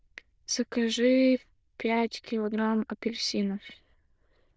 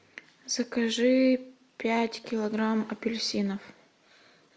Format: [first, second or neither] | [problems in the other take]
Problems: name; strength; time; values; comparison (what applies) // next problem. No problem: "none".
second | noise reduction (neural diffusion model UNIVERSE++)